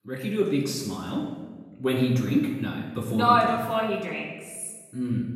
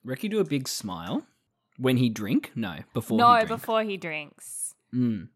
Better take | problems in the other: second | off-mic speech; far // room echo; noticeable; dies away in 1.1 s

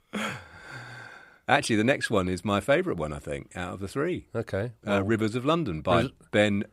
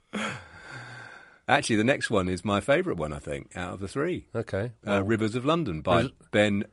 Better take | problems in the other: first | garbled, watery; slightly; nothing above 10.5 kHz

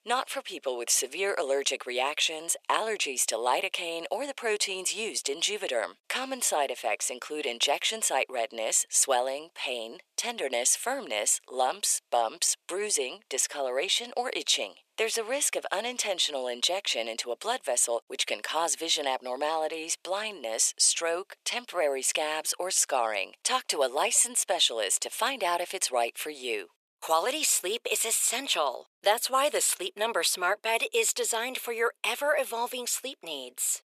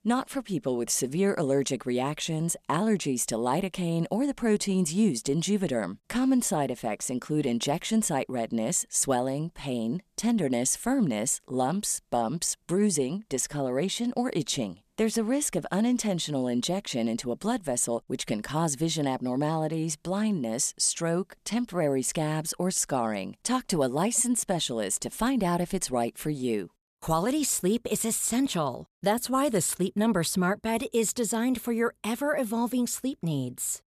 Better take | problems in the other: second | thin; very; fading below 450 Hz

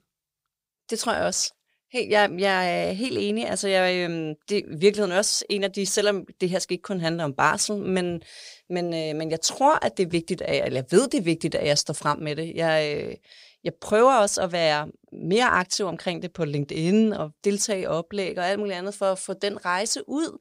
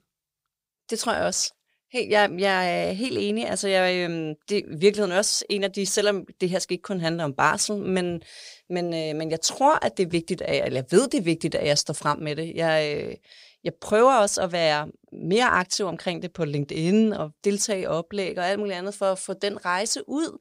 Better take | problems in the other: neither | none

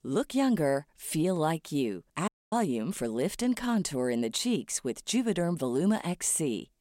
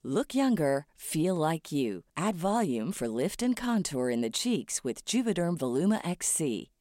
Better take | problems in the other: second | audio cutting out; at 2.5 s

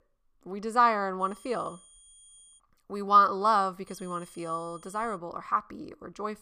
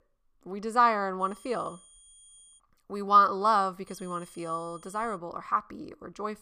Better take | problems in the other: neither | high-pitched whine; faint; from 1 to 2.5 s and from 4 to 5 s; 9 kHz, 25 dB below the speech; the same in both

